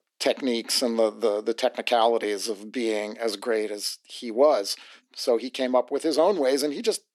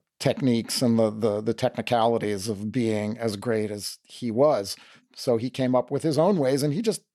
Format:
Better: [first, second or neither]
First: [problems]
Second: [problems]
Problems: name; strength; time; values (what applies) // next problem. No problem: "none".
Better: second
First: thin; somewhat; fading below 300 Hz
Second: none